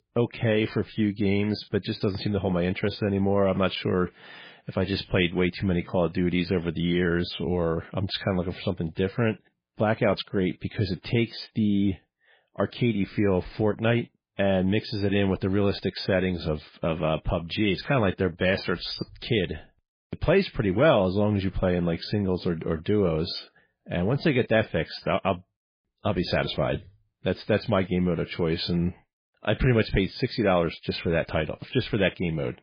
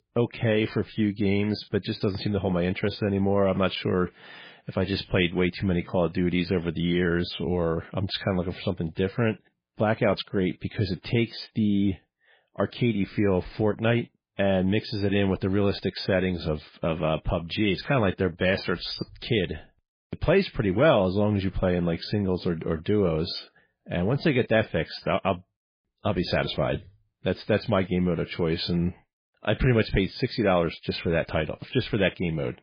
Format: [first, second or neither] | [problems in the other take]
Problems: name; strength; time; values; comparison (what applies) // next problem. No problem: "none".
neither | garbled, watery; badly; nothing above 5 kHz; the same in both